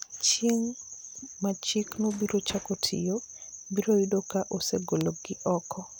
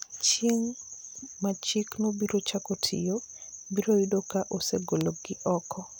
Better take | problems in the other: second | background sound (Drawer open or close); 19 dB below the speech

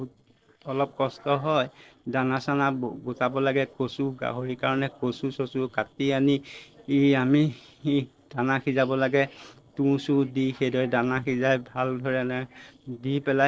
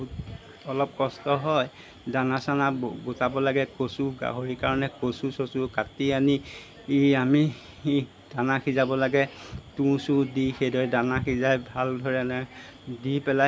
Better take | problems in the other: second | noise reduction (neural separator model SepFormer DNS4)

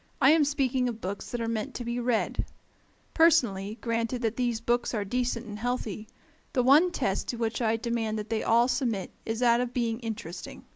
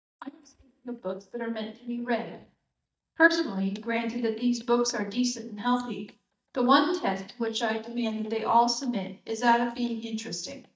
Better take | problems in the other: first | noise reduction (neural mask model DeepFilterNet 3)

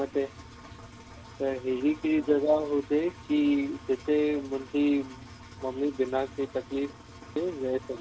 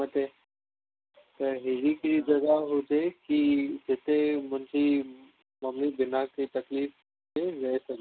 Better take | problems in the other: second | background sound (Engine); 18 dB below the speech

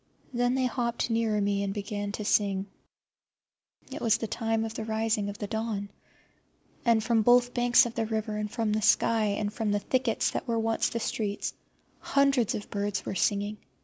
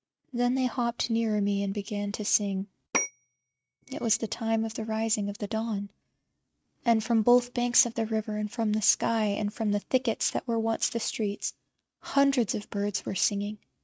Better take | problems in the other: first | noise reduction (neural mask model RNNoise)

